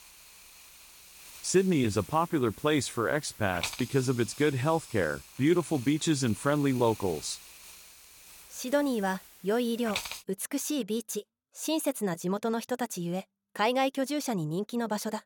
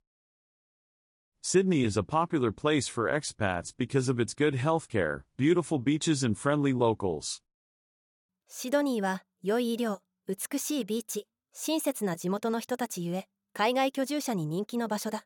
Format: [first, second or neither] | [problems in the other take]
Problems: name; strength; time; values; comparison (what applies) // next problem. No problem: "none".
second | hiss; noticeable; until 10 s; 15 dB below the speech